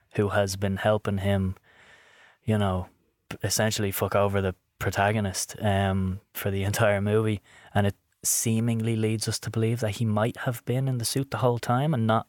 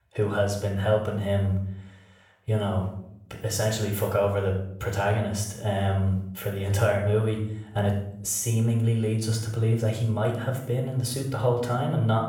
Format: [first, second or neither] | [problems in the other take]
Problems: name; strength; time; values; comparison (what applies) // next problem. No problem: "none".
first | off-mic speech; somewhat distant // room echo; noticeable; dies away in 0.6 s